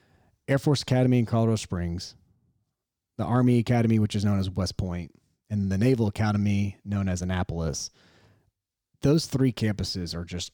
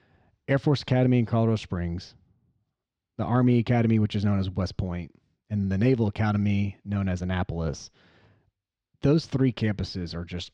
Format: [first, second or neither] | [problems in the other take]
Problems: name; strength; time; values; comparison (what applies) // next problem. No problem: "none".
first | muffled; very slightly; fading above 3 kHz